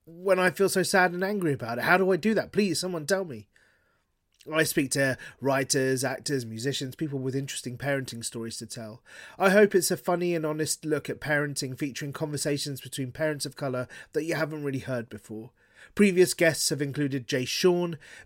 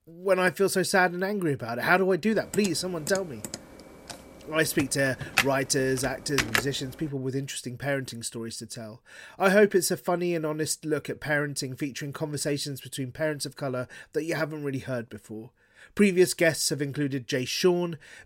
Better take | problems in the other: first | keyboard typing; loud; from 2.5 to 6.5 s; peak 1 dB above the speech

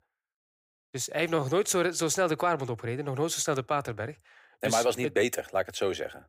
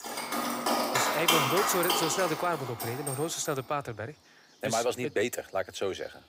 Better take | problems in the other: first | animal sounds; very loud; throughout; 2 dB above the speech

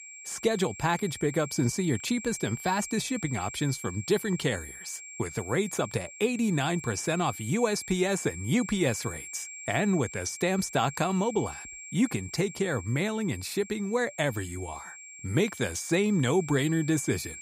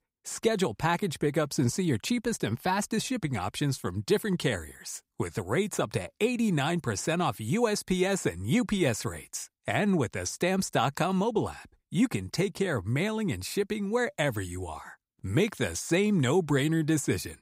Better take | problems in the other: second | high-pitched whine; noticeable; throughout; 2.5 kHz, 10 dB below the speech

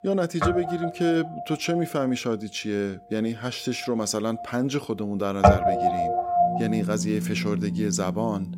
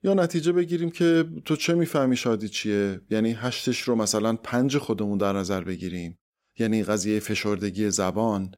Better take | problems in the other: second | background music; very loud; throughout; 2 dB above the speech

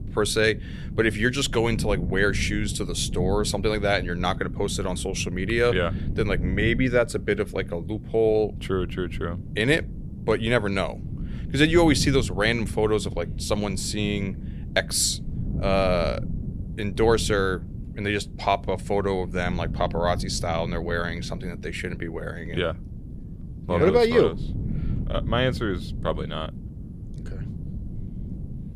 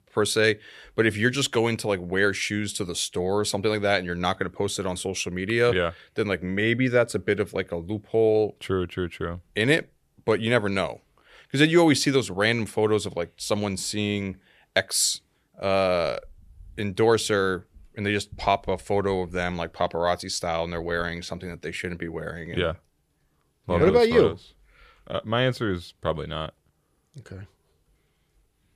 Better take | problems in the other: second | wind noise on the microphone; occasional gusts; 20 dB below the speech

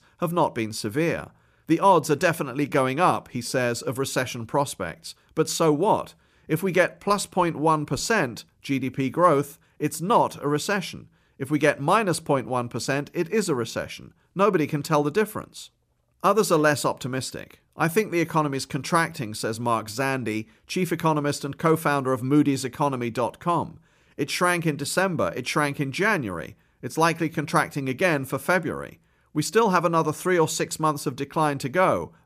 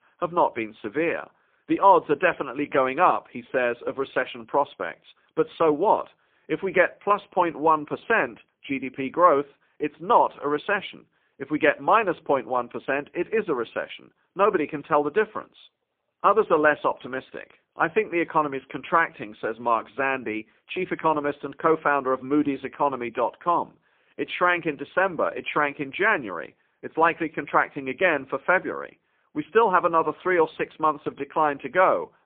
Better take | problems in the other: first | phone-call audio; poor line

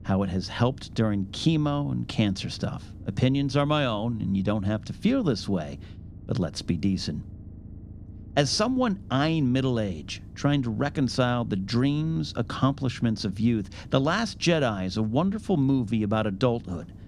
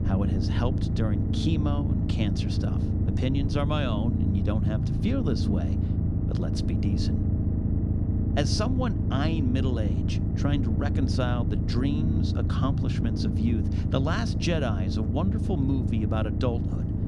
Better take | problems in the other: first | low rumble; loud; throughout; 3 dB below the speech; faint in the first

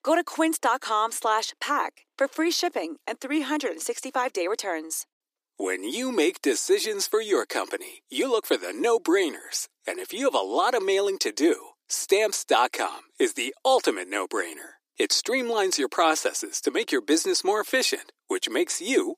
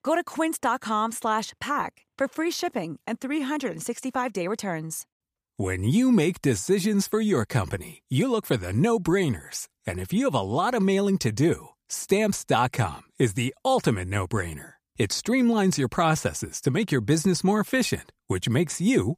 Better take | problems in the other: second | thin; somewhat; fading below 300 Hz

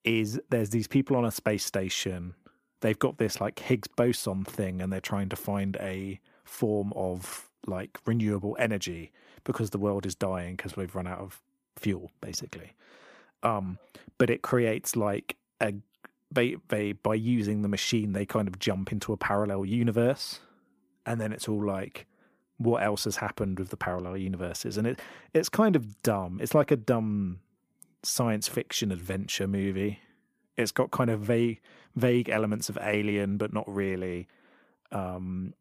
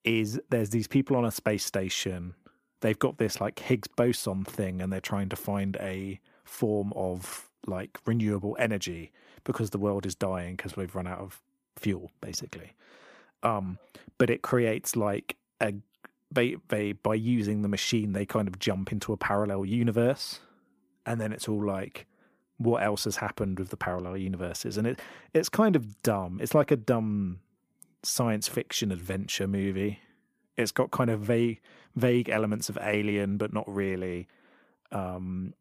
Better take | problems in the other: neither | none

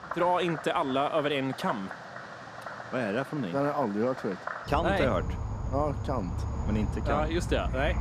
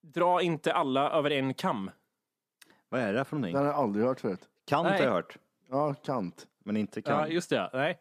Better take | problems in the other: second | animal sounds; loud; throughout; 7 dB below the speech

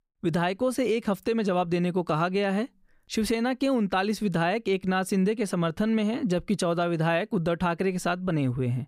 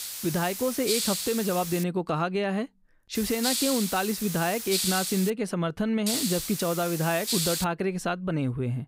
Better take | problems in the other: first | hiss; loud; until 2 s, from 3 to 5.5 s and from 6 to 7.5 s; 2 dB below the speech

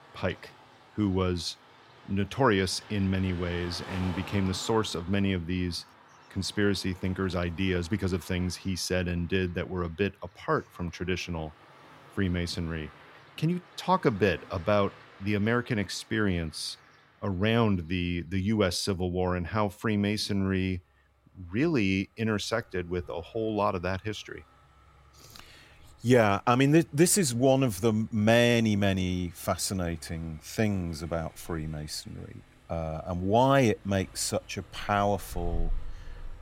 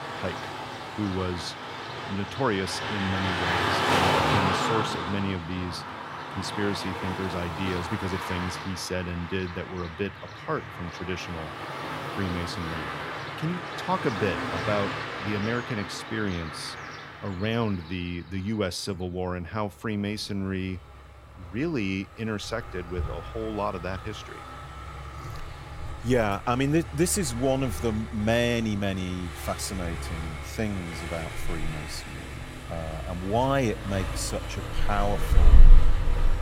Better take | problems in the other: first | traffic noise; loud; throughout; 1 dB below the speech; faint in the first

